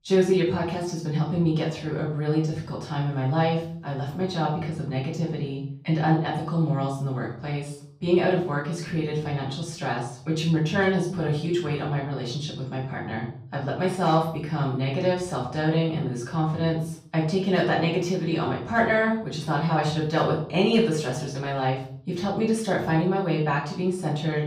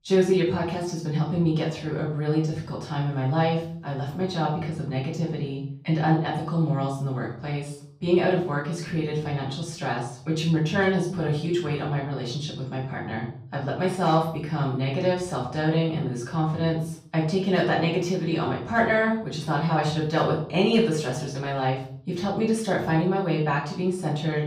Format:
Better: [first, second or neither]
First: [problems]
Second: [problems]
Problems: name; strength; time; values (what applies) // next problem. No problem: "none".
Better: neither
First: room echo; noticeable; dies away in 0.5 s // off-mic speech; far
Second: room echo; noticeable; dies away in 0.5 s // off-mic speech; far